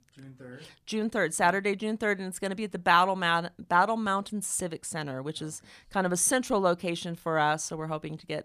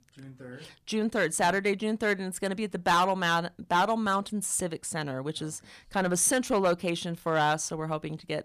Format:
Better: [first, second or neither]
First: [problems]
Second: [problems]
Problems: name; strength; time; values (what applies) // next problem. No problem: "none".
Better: first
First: none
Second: distortion; slight; 3% of the sound clipped